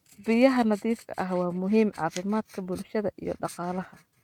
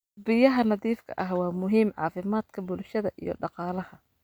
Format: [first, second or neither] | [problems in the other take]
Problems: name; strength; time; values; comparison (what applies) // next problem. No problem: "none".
second | noise reduction (neural mask model RNNoise)